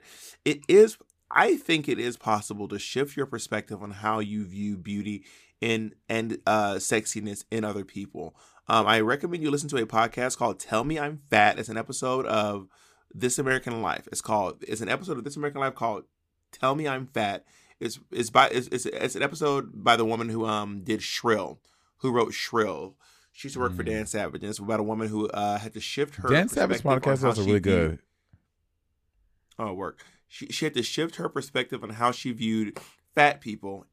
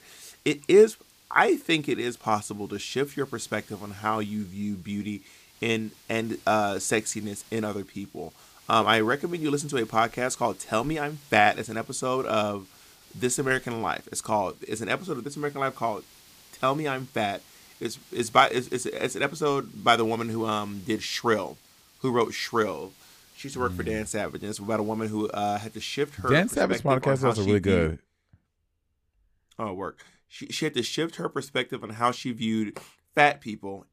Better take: first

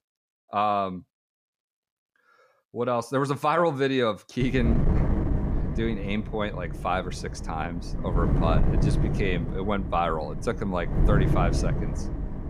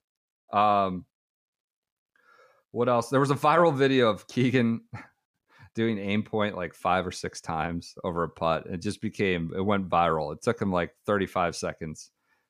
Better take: second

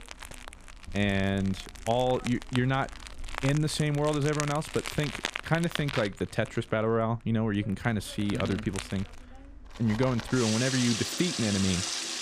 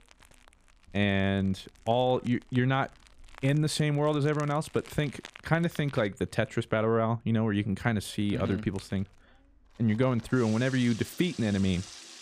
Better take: second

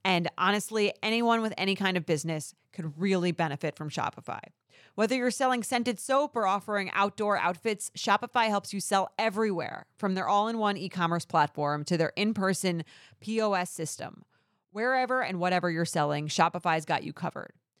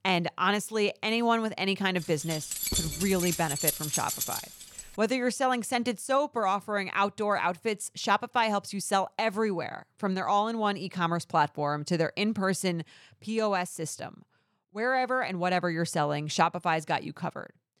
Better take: first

